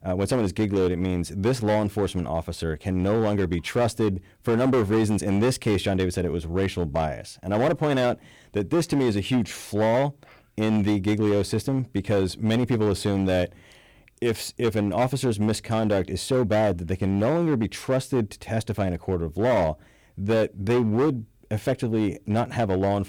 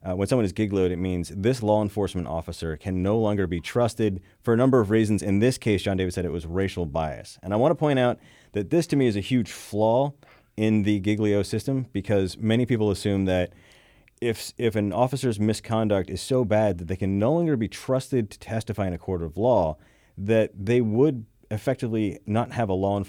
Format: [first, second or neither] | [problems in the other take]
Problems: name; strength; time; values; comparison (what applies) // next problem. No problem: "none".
second | distortion; slight; 10% of the sound clipped